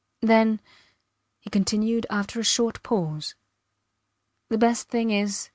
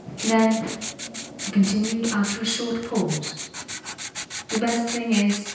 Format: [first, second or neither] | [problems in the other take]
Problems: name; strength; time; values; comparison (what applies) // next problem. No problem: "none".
first | background sound (Writing); 8 dB below the speech // room echo; dies away in 0.9 s